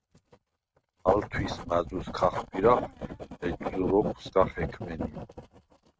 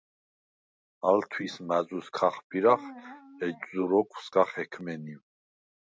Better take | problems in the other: second | noise reduction (neural mask model RNNoise)

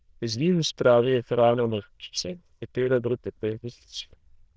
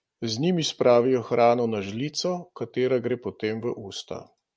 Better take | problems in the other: second | noise reduction (neural diffusion model UNIVERSE++)

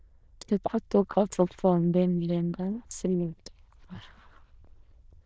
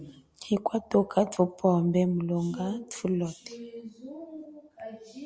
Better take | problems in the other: second | noise reduction (neural diffusion model UNIVERSE++)

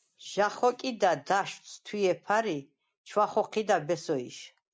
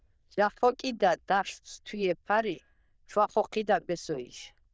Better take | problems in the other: first | noise reduction (neural diffusion model UNIVERSE++)

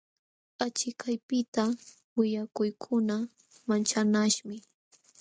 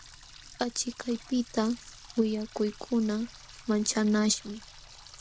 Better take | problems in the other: first | background sound (Water tap, faucet); 19 dB below the speech

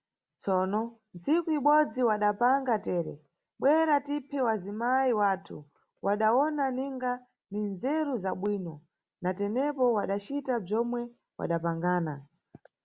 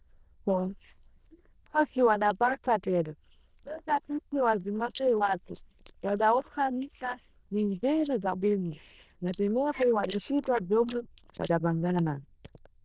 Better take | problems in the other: first | noise reduction (neural diffusion model UNIVERSE++)

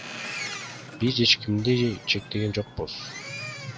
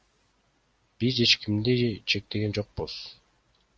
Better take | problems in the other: second | background sound (Boat, Water vehicle); 11 dB below the speech

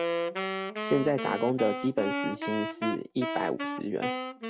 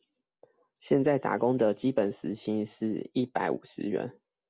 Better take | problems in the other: second | background sound (Wind instrument, woodwind instrument); 2 dB below the speech

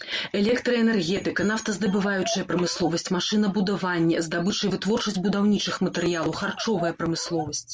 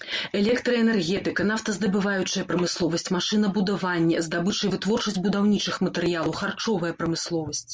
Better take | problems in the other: second | background sound (Dog); 17 dB below the speech

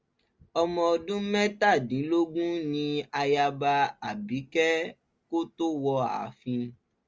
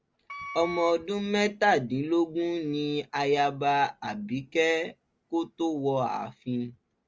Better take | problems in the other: first | background sound (Wind instrument, woodwind instrument); 12 dB below the speech

